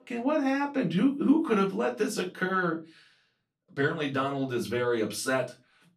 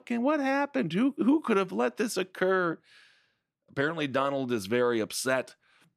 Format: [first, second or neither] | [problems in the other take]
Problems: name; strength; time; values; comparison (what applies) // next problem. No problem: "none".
second | off-mic speech; far // room echo; very slight; dies away in 0.2 s